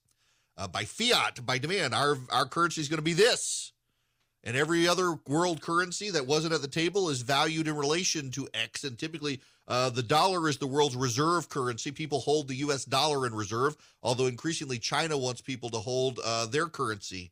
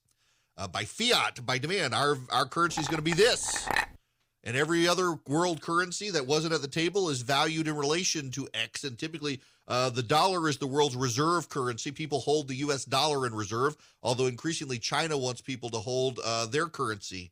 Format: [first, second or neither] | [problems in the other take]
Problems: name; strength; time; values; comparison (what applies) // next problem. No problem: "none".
first | clattering dishes; noticeable; from 3 to 4 s; peak 1 dB below the speech